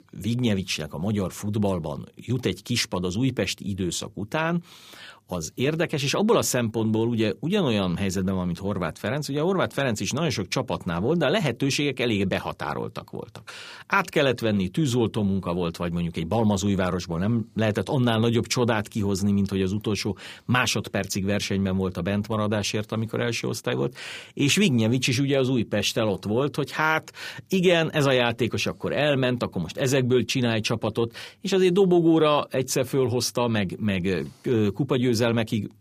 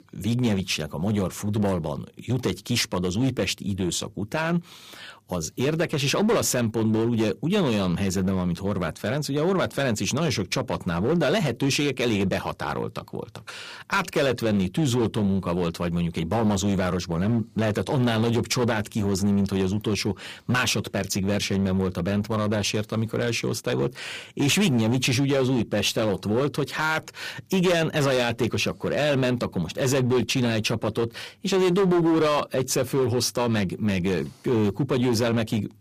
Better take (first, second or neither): first